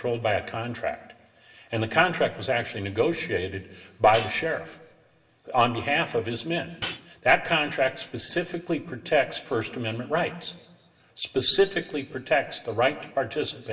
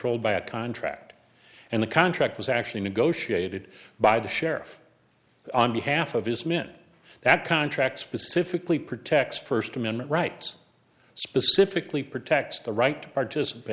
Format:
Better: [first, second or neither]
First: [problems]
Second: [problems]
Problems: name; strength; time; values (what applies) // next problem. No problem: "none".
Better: second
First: background sound (Hi-hat); 8 dB below the speech // room echo; dies away in 1.1 s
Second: none